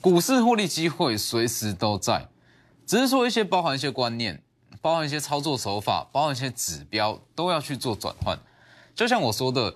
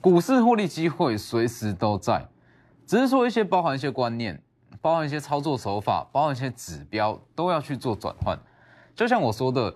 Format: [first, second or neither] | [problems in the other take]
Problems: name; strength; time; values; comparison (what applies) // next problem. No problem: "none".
first | muffled; slightly; fading above 2.5 kHz